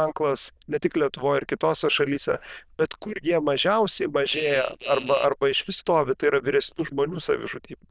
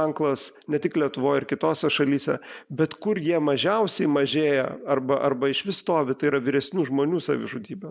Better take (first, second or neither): second